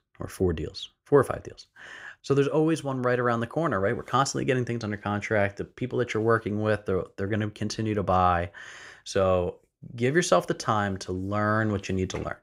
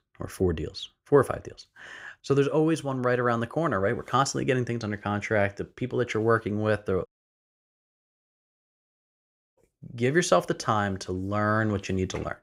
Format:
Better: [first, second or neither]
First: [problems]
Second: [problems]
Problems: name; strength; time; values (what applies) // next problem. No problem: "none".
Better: first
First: none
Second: audio cutting out; at 7 s for 2.5 s